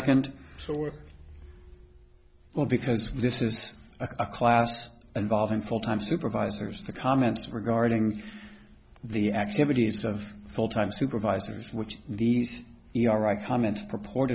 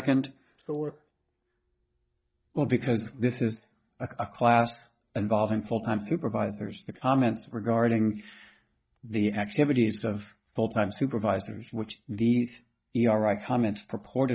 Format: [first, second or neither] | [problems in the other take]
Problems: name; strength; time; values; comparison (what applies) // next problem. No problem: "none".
first | noise reduction (neural mask model DeepFilterNet 3)